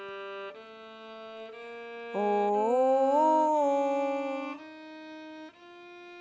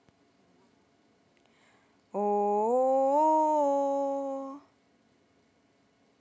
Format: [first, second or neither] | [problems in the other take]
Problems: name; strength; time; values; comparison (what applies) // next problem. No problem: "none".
second | background sound (Bowed string instrument); 11 dB below the speech